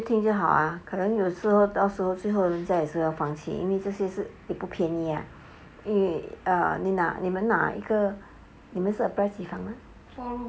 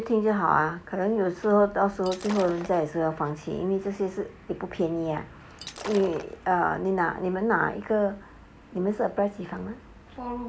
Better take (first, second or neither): first